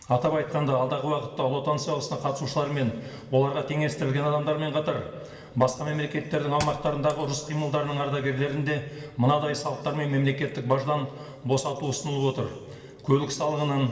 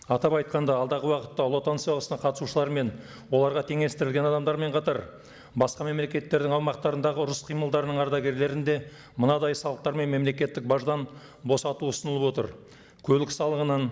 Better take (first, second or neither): second